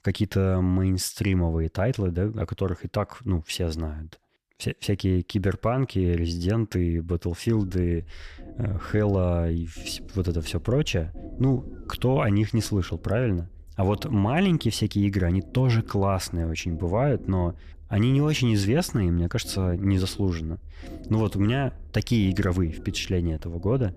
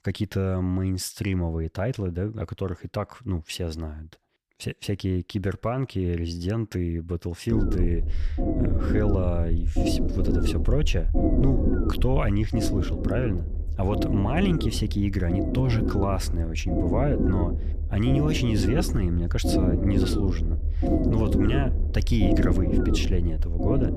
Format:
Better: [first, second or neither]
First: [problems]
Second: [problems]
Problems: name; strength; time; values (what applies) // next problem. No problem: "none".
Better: first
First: low rumble; faint; from 7.5 s on; 20 dB below the speech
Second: low rumble; loud; from 7.5 s on; as loud as the speech